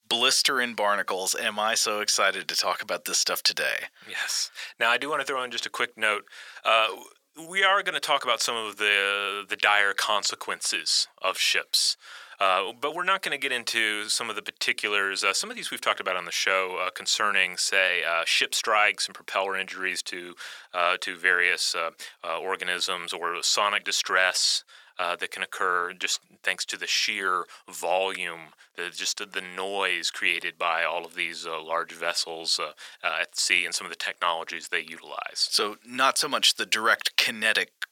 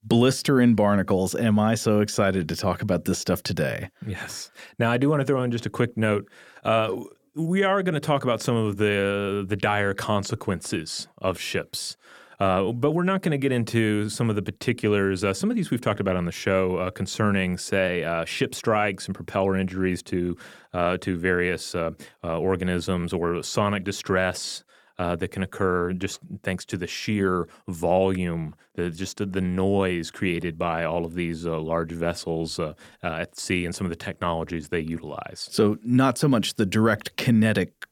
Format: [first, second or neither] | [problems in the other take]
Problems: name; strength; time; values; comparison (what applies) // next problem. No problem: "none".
second | thin; very; fading below 950 Hz